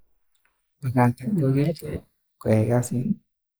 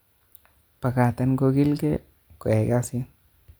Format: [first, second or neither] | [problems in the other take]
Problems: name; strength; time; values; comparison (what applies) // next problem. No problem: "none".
second | noise reduction (neural mask model Resemble Enhance denoiser)